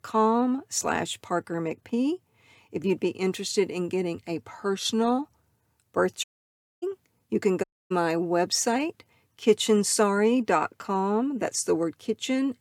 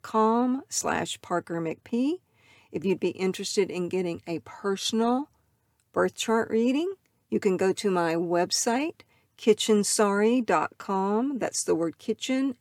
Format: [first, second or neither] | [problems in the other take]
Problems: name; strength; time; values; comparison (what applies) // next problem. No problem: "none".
second | audio cutting out; at 6 s for 0.5 s and at 7.5 s